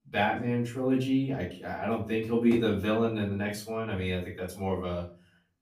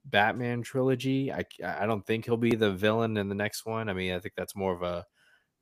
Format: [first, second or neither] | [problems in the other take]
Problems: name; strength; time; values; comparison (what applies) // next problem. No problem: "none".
second | room echo; slight; dies away in 0.4 s // off-mic speech; far